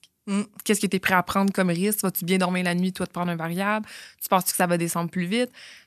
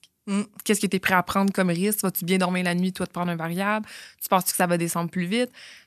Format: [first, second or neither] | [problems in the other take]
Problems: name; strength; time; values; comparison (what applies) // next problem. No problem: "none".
neither | none